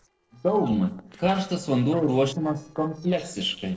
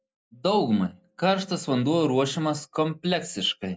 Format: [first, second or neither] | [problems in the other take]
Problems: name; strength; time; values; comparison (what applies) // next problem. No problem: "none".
second | noise reduction (neural separator model SepFormer DNS4)